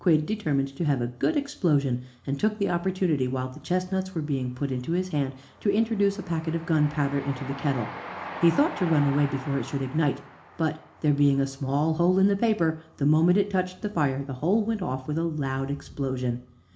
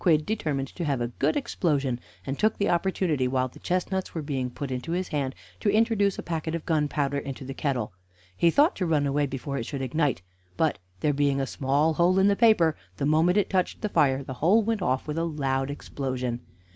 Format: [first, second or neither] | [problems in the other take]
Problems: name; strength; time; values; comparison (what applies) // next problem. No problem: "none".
second | background sound (Train); 19 dB below the speech // room echo; dies away in 0.4 s